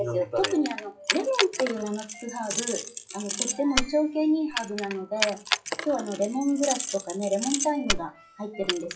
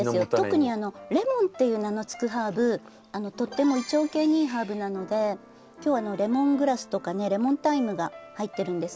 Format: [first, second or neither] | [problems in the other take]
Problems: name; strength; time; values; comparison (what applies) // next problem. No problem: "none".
second | noise reduction (classical method WPE with log-MMSE)